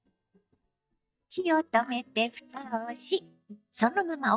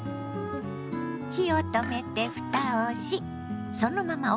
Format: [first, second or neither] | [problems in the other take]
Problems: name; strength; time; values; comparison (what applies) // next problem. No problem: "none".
second | noise reduction (neural mask model DeepFilterNet 3)